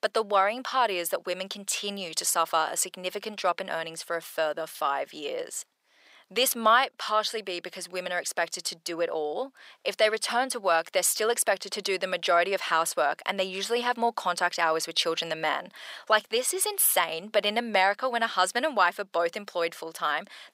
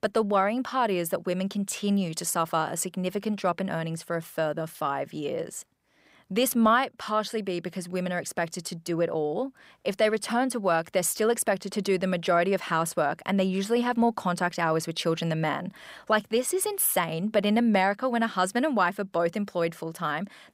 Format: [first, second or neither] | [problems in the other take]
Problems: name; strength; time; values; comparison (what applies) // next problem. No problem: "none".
second | thin; somewhat; fading below 500 Hz